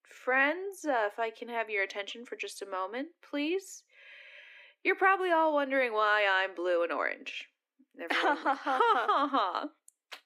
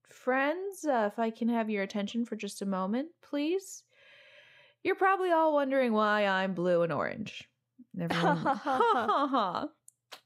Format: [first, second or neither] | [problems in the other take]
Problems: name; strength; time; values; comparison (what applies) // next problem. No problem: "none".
second | thin; somewhat; fading below 250 Hz